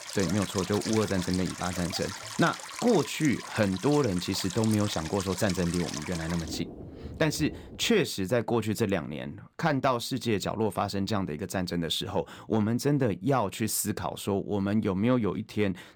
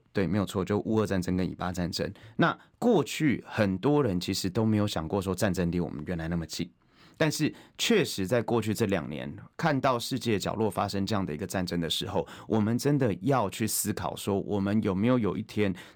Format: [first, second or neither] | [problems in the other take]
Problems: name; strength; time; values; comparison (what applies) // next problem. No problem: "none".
second | rain or running water; loud; until 8 s; 9 dB below the speech